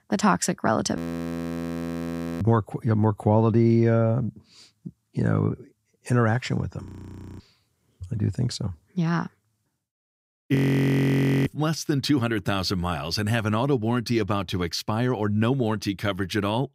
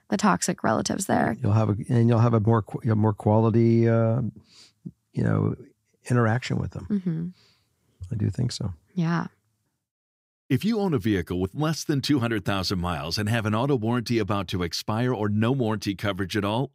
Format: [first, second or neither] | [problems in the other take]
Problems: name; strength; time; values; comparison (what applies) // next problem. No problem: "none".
second | audio freezing; at 1 s for 1.5 s, at 7 s for 0.5 s and at 11 s for 1 s